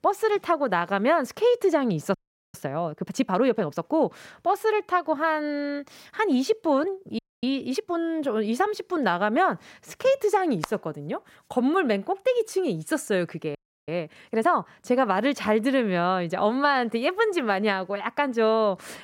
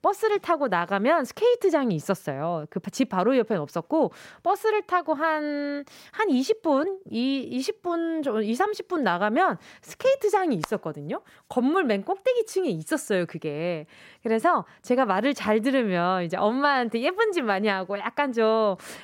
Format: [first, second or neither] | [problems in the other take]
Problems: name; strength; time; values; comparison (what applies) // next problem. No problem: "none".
second | audio freezing; at 2 s, at 7 s and at 14 s